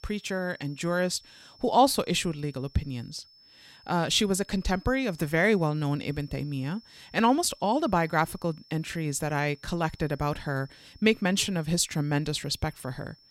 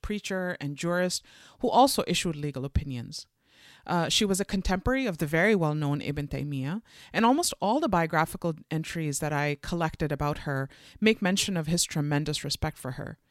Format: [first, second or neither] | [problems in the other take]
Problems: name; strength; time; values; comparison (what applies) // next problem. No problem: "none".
second | high-pitched whine; faint; throughout; 5.5 kHz, 25 dB below the speech